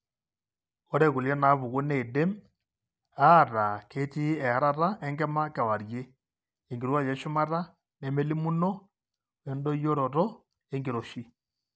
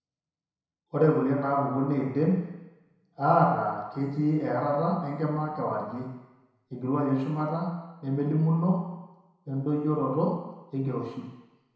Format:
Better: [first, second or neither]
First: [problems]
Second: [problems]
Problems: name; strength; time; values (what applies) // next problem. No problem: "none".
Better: first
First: none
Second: room echo; dies away in 1 s